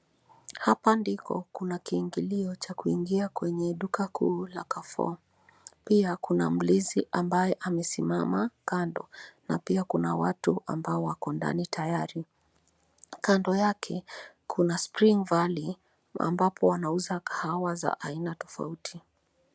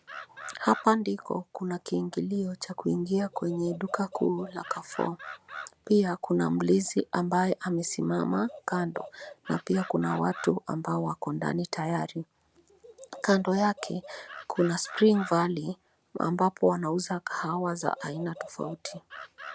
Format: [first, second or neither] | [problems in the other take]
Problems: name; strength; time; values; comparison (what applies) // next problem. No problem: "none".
first | background sound (Animal); 18 dB below the speech